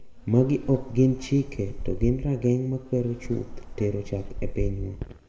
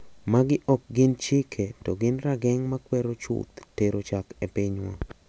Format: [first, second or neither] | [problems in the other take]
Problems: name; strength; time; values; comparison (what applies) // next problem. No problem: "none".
second | background sound (Insect); 8 dB below the speech // room echo; dies away in 1.3 s